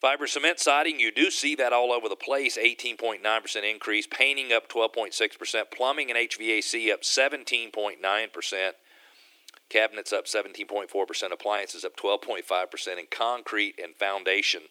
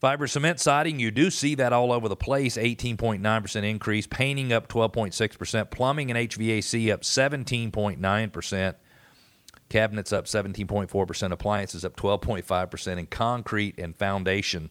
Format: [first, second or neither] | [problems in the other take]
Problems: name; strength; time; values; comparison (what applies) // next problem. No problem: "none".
second | thin; very; fading below 300 Hz